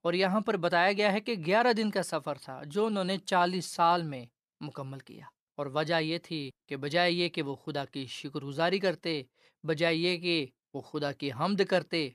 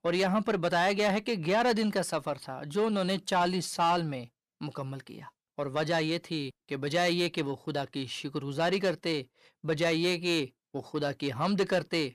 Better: first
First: none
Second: distortion; slight; 10 dB below the speech

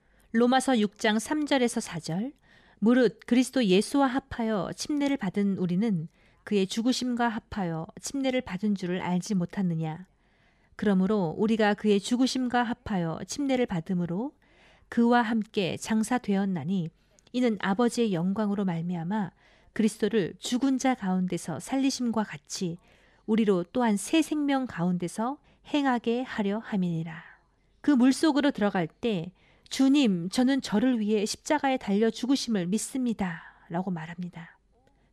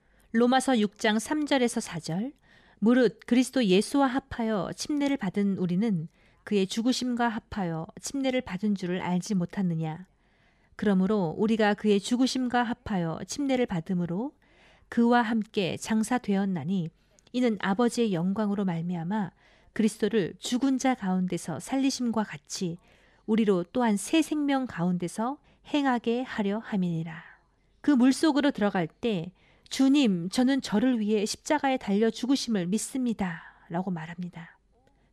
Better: neither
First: none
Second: none

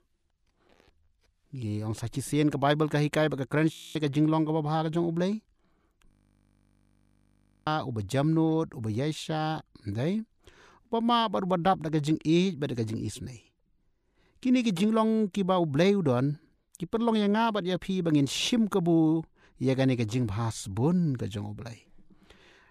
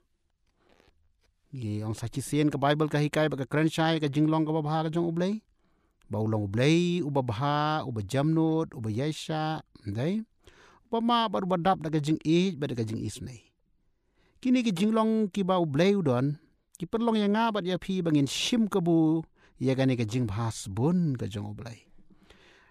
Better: second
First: audio freezing; at 3.5 s and at 6 s for 1.5 s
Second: none

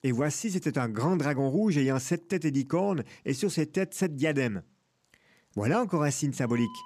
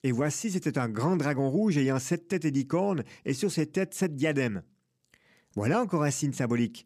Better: second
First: animal sounds; faint; throughout; 30 dB below the speech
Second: none

